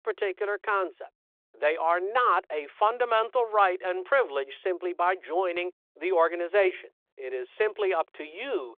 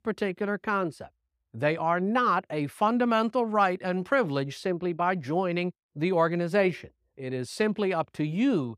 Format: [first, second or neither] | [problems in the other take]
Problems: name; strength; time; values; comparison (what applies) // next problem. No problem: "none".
second | phone-call audio; nothing above 3.5 kHz